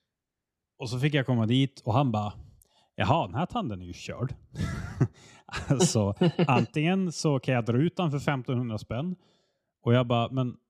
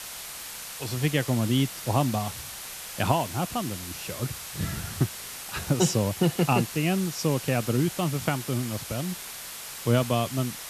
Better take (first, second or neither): first